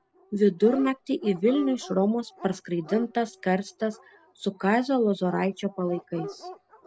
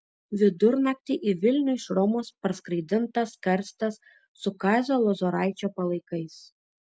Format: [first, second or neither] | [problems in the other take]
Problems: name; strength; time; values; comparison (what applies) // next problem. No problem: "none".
second | background sound (Dog); 16 dB below the speech